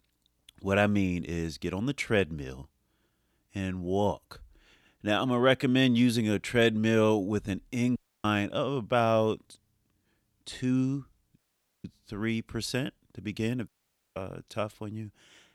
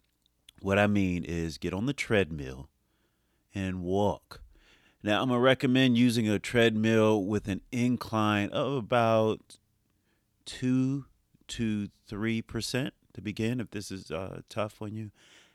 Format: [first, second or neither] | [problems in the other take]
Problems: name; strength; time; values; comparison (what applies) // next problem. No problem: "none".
second | audio cutting out; at 8 s, at 11 s and at 14 s